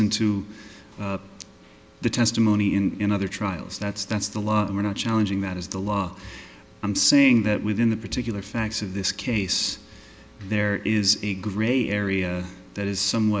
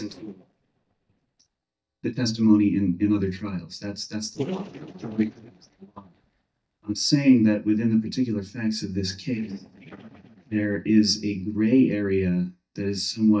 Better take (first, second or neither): first